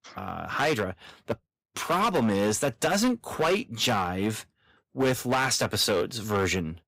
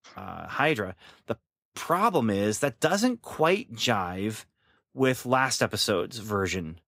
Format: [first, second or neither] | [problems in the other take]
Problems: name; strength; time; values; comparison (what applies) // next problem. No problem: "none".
second | distortion; heavy; 8% of the sound clipped